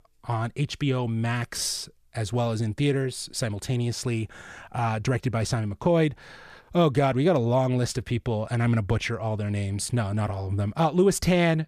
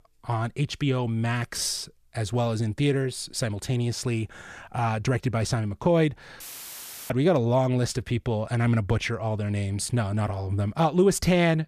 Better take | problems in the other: first | audio cutting out; filled with static; at 6.5 s for 0.5 s

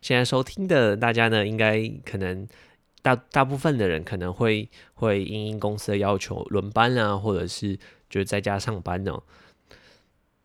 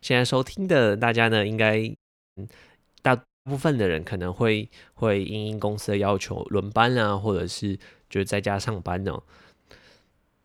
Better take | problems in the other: first | audio cutting out; at 2 s and at 3.5 s

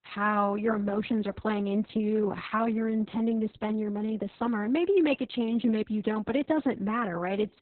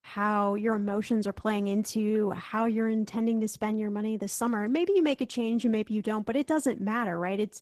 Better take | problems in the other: second | garbled, watery; badly; nothing above 4 kHz; slightly in the second

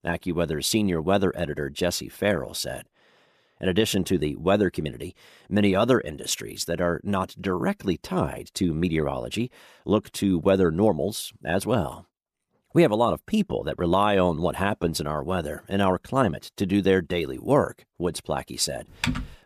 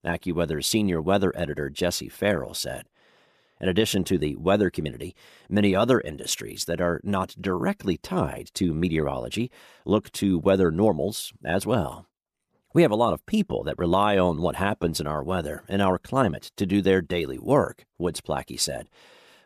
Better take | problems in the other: second | keyboard typing; noticeable; at 19 s; peak 4 dB below the speech

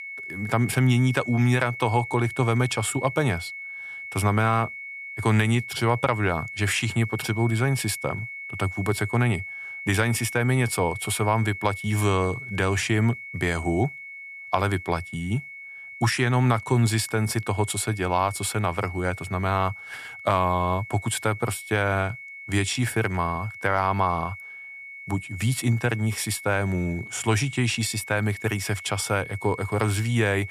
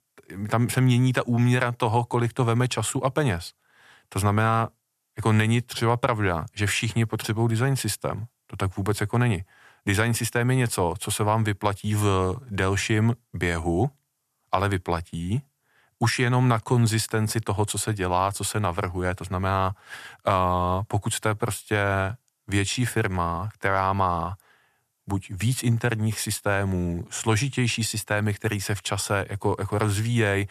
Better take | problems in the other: second | high-pitched whine; noticeable; throughout; 2 kHz, 10 dB below the speech

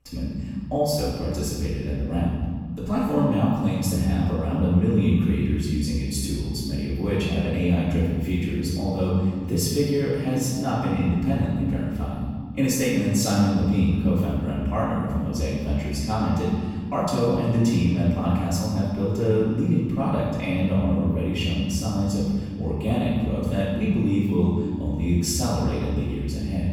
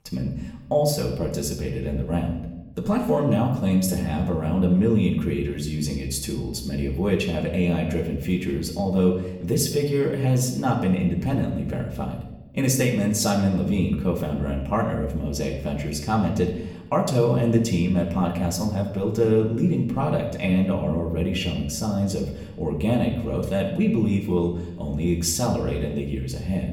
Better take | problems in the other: second | room echo; strong; dies away in 1.8 s; slight in the second // off-mic speech; far; far in the second

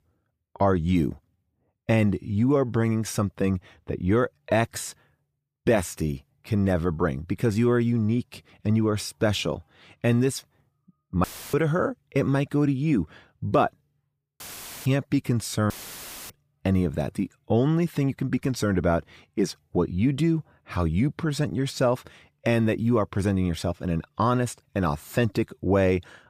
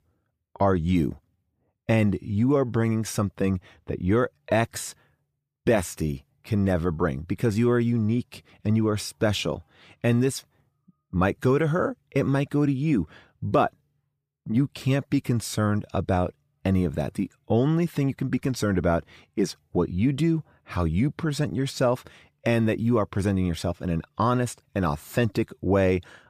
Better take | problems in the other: second | audio cutting out; filled with static; at 11 s, at 14 s and at 16 s for 0.5 s

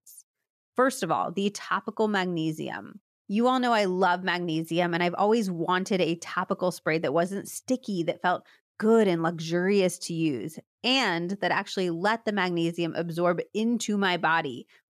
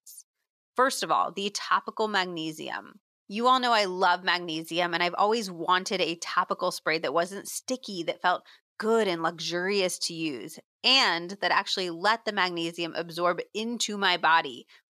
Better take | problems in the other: first | thin; somewhat; fading below 600 Hz

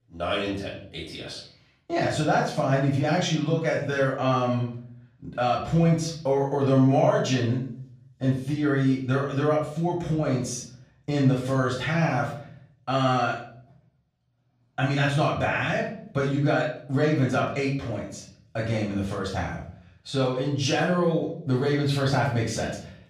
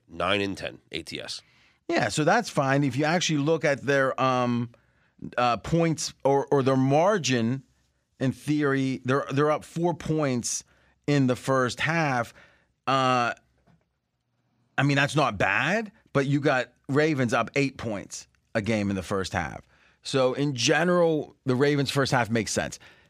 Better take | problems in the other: second | off-mic speech; far // room echo; noticeable; dies away in 0.6 s

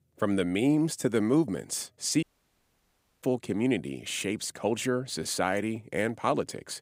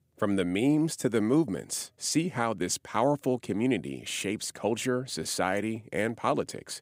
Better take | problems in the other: second | audio cutting out; at 2 s for 1 s

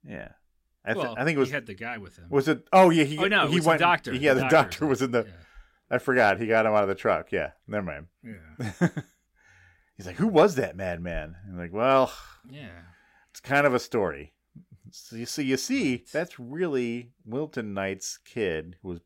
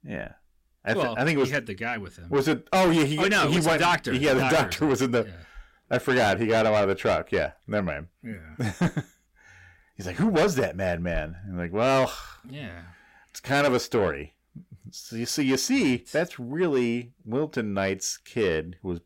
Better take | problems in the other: first | distortion; heavy; 6 dB below the speech

